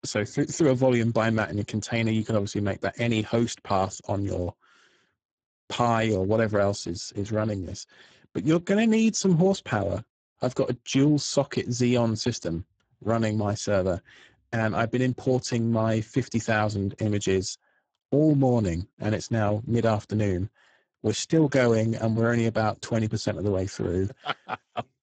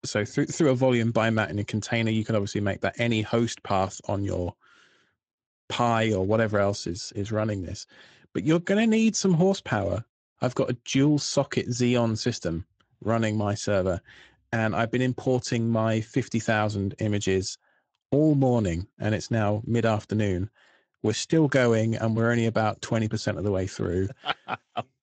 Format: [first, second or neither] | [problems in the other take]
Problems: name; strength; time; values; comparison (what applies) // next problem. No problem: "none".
second | garbled, watery; badly; nothing above 7.5 kHz; slightly in the second